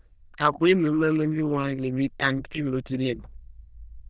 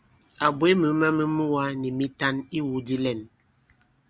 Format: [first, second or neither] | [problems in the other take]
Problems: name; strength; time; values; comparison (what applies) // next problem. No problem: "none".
second | noise reduction (neural diffusion model UNIVERSE++)